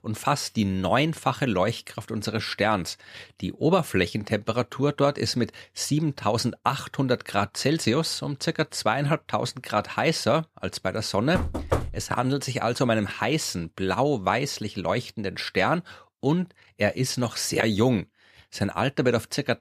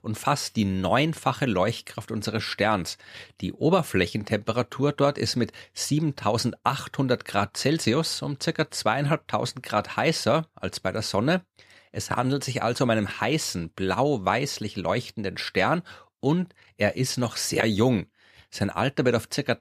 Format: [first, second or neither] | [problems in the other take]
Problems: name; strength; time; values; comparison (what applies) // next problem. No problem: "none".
second | door banging; noticeable; at 11 s; peak 2 dB below the speech